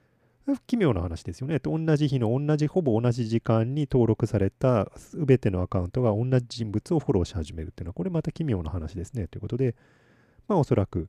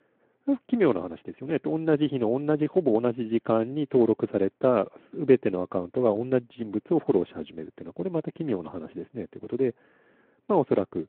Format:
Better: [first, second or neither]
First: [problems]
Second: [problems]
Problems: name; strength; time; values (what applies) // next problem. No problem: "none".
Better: first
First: none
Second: phone-call audio